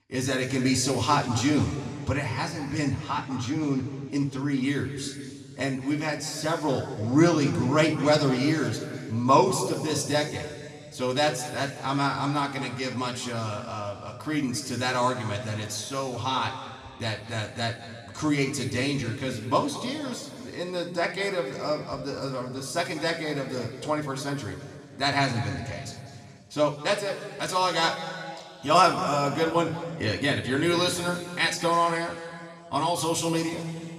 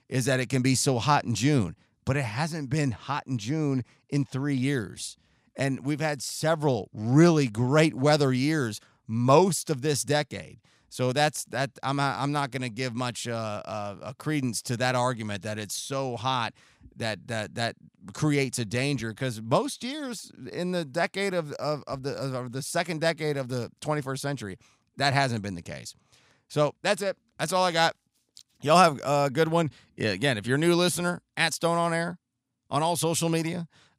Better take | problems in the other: second | room echo; noticeable; dies away in 2.2 s // off-mic speech; somewhat distant

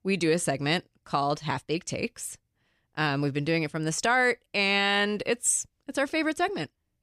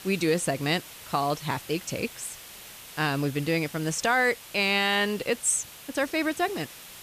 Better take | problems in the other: first | hiss; noticeable; throughout; 15 dB below the speech

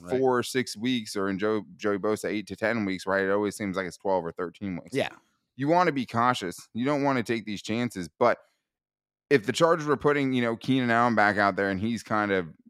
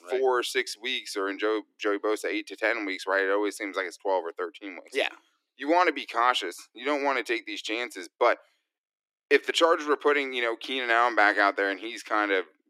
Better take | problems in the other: first | thin; somewhat; fading below 300 Hz

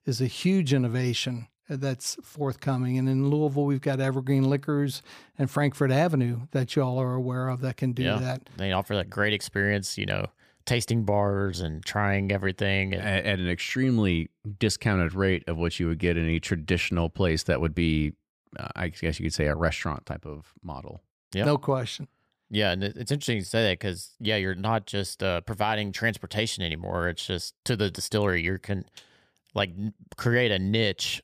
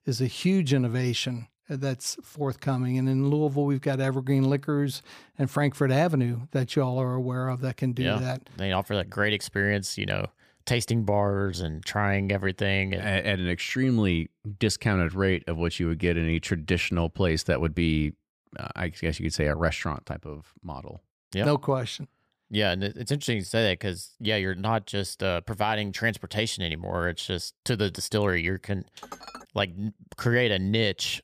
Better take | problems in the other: first | clattering dishes; faint; at 29 s; peak 15 dB below the speech

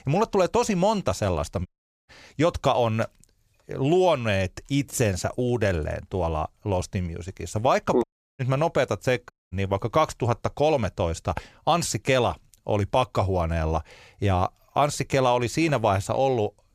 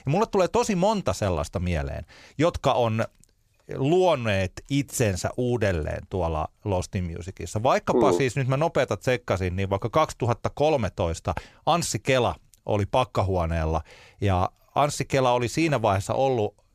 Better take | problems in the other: second | audio cutting out; at 1.5 s, at 8 s and at 9.5 s

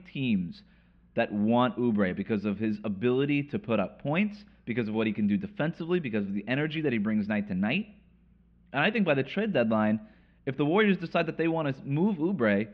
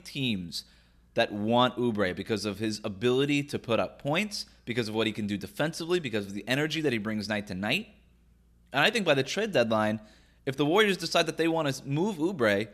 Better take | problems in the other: second | muffled; very; fading above 2.5 kHz

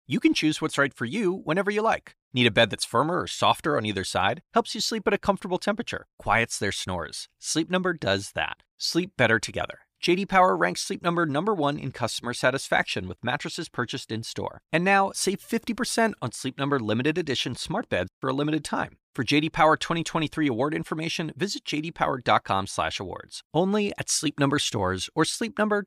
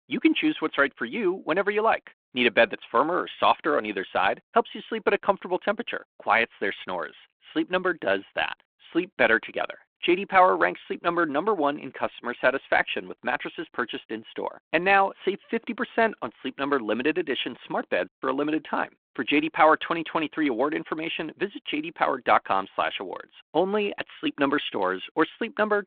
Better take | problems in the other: first | phone-call audio

